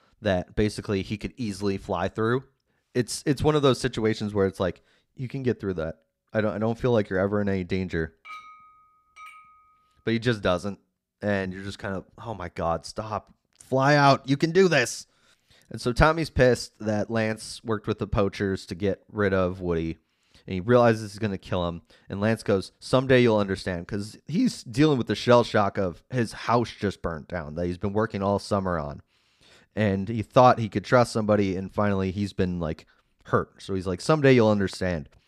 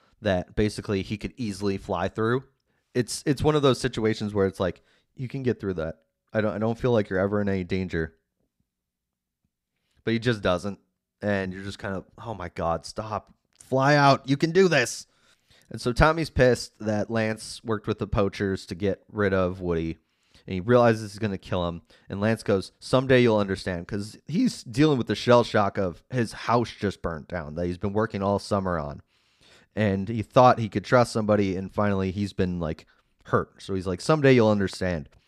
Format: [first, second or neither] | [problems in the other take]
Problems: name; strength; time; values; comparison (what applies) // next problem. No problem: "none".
second | clattering dishes; faint; from 8.5 to 9.5 s; peak 15 dB below the speech